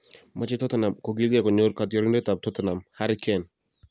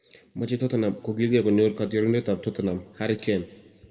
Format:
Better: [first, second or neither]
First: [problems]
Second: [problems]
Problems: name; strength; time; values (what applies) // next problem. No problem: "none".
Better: first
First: none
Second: room echo; dies away in 1.2 s